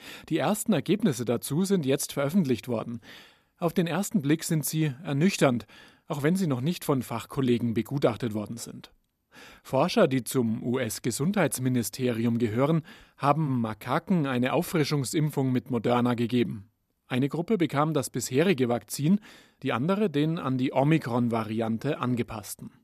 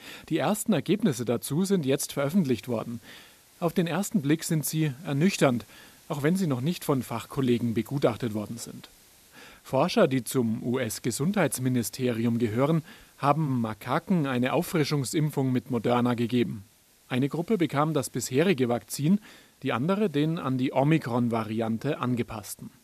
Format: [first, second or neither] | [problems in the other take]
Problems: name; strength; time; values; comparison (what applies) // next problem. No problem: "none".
first | hiss; faint; throughout; 30 dB below the speech